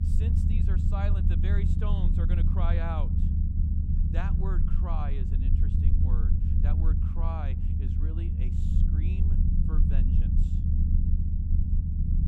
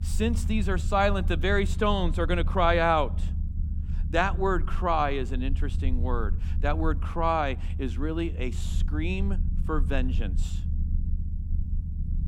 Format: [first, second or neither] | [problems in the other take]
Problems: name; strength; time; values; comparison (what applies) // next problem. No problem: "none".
second | low rumble; loud; throughout; as loud as the speech; faint in the second